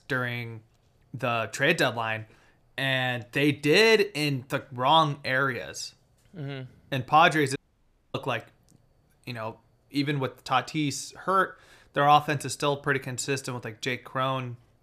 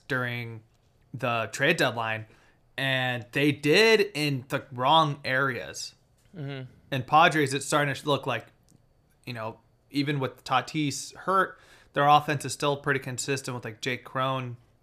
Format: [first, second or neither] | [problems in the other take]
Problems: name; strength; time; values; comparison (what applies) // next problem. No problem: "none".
second | audio cutting out; at 7.5 s for 0.5 s